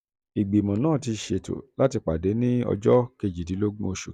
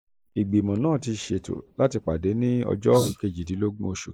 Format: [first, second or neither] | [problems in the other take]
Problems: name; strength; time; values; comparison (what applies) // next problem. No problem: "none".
first | noise reduction (neural mask model Resemble Enhance denoiser)